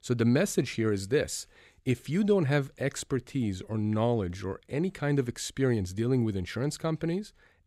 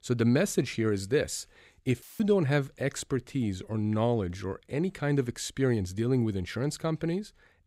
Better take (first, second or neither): first